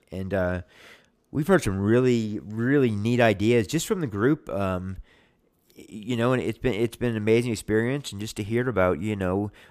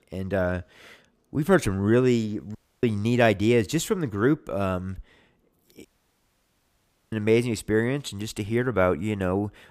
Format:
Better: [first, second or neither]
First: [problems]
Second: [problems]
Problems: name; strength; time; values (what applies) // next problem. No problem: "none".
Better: first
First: none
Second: audio cutting out; at 2.5 s and at 6 s for 1.5 s